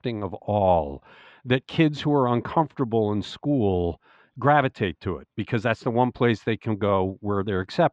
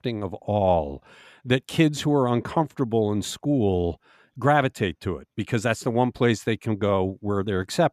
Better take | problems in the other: second | muffled; slightly; fading above 4 kHz

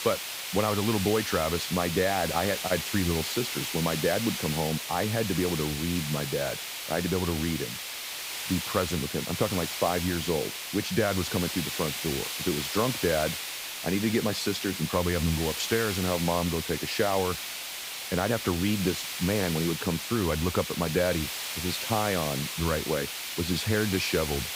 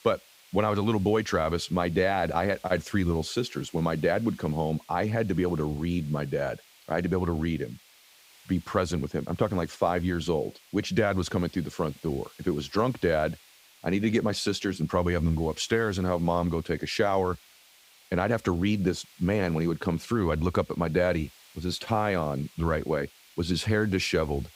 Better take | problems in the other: second | hiss; loud; throughout; 3 dB below the speech; faint in the second

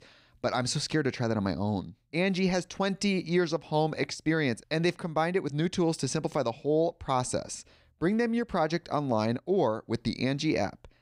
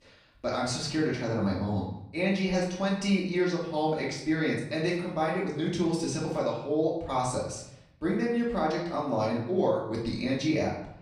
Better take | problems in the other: first | room echo; noticeable; dies away in 0.6 s // off-mic speech; far

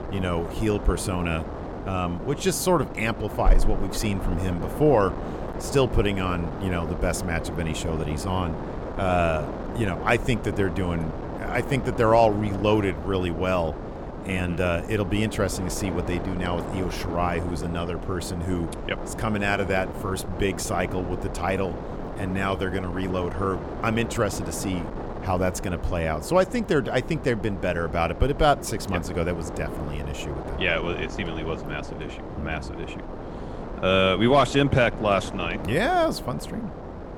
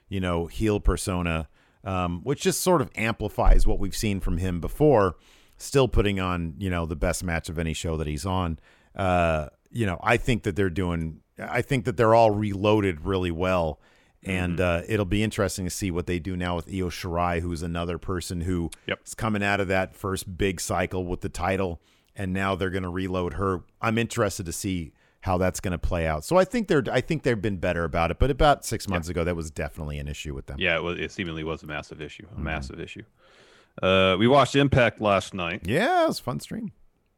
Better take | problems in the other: second | wind noise on the microphone; heavy; 10 dB below the speech

